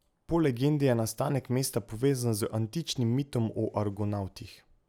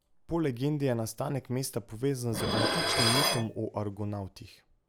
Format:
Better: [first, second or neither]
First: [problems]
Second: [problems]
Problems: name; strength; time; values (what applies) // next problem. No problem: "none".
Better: first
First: none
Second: background sound (Dishes, pots, and pans); as loud as the speech